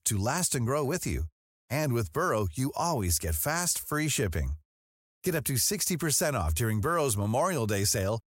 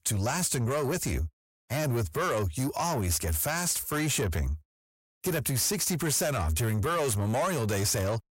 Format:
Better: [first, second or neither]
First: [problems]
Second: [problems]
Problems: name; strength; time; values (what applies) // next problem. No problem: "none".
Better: first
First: none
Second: distortion; slight; 10 dB below the speech